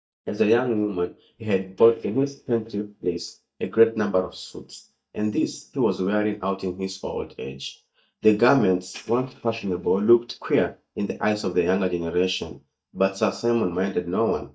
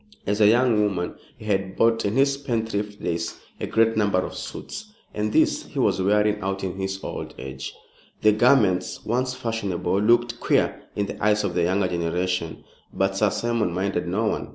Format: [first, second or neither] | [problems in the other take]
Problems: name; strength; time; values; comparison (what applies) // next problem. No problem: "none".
second | noise reduction (neural mask model DeepFilterNet 3)